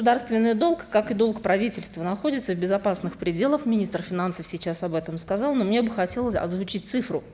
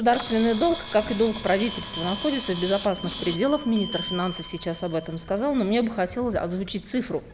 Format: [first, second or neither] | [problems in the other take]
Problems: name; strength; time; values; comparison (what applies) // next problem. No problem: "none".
first | background sound (Camera + Bell); 12 dB below the speech